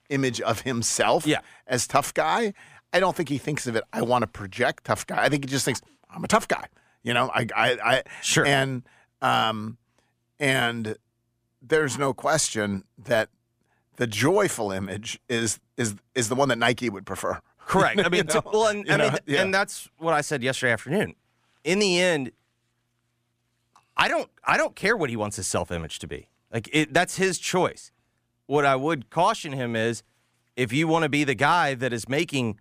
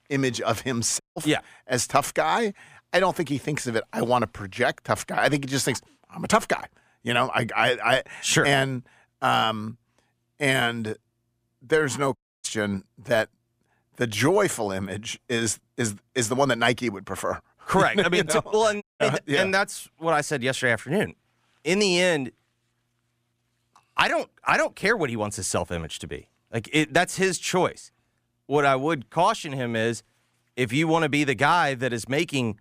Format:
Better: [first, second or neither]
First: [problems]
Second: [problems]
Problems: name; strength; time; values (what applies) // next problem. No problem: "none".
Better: first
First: none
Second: audio cutting out; at 1 s, at 12 s and at 19 s